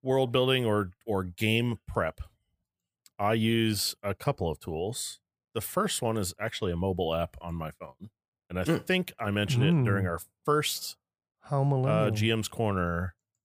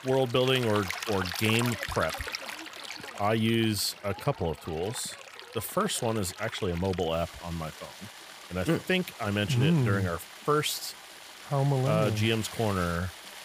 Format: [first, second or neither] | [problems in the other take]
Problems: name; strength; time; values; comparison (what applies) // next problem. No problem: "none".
first | rain or running water; noticeable; throughout; 10 dB below the speech